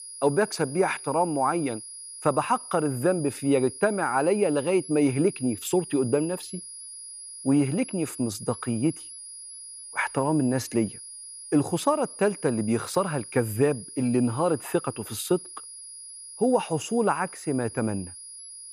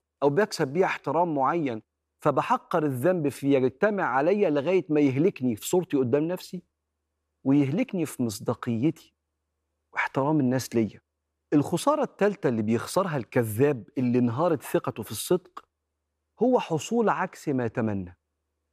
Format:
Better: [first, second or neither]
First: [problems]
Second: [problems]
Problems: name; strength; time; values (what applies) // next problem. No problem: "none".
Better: second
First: high-pitched whine; noticeable; throughout; 10.5 kHz, 15 dB below the speech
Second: none